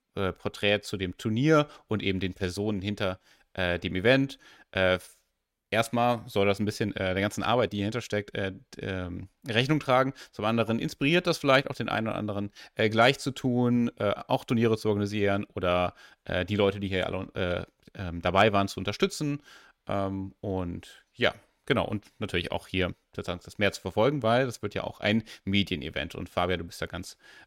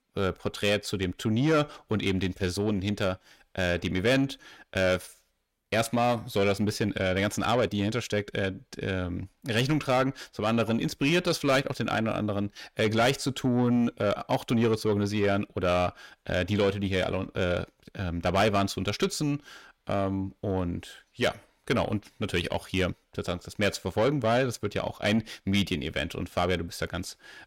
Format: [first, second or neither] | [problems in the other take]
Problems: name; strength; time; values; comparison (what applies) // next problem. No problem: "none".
first | distortion; slight; 10 dB below the speech